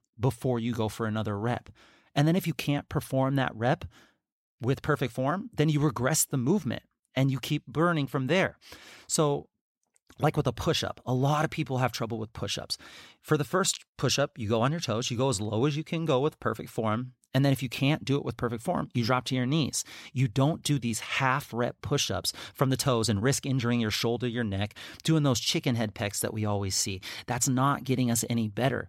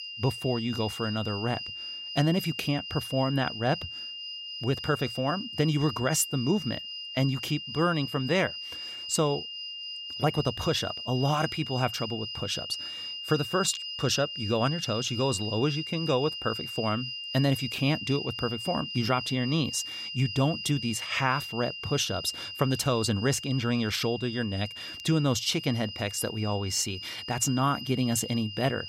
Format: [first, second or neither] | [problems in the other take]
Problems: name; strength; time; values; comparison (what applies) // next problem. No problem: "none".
first | high-pitched whine; loud; throughout; 3 kHz, 7 dB below the speech